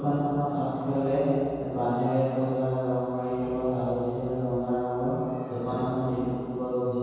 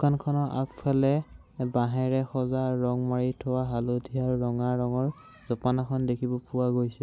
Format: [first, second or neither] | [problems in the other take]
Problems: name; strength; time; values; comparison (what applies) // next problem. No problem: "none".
second | room echo; dies away in 2.2 s